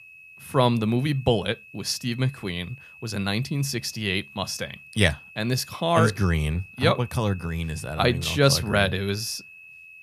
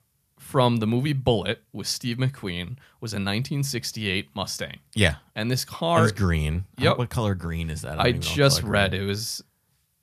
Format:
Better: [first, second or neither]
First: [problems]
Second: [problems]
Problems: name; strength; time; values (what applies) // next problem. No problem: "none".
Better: second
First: high-pitched whine; noticeable; throughout; 2.5 kHz, 20 dB below the speech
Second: none